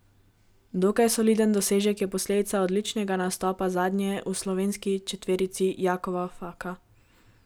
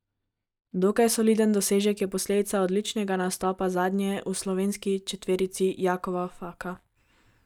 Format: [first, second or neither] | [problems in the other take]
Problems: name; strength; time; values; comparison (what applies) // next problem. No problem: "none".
first | noise reduction (neural mask model DeepFilterNet 3)